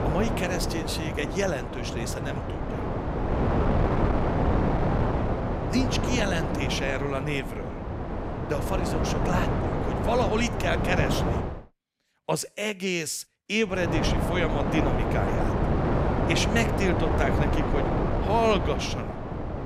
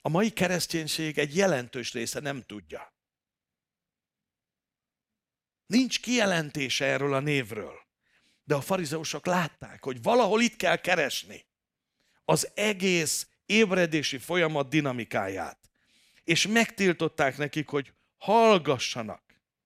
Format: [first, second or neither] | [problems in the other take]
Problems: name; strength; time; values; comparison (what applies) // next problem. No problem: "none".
second | wind noise on the microphone; heavy; until 12 s and from 14 s on; 1 dB below the speech